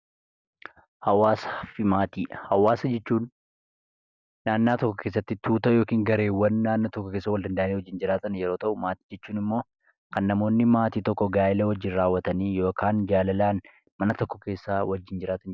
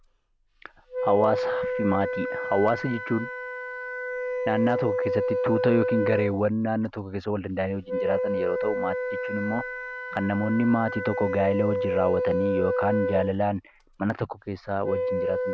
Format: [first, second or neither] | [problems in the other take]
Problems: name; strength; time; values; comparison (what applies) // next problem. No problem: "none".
first | background sound (Wind instrument, woodwind instrument); 2 dB below the speech